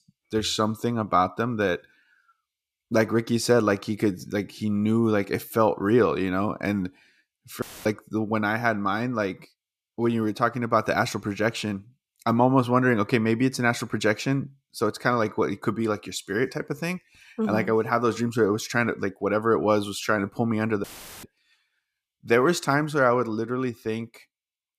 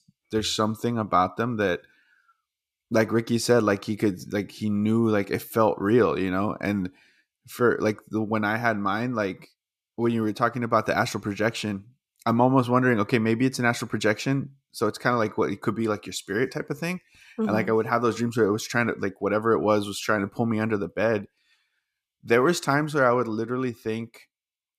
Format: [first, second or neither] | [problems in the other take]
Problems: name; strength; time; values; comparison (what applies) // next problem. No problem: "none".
second | audio cutting out; filled with static; at 7.5 s and at 21 s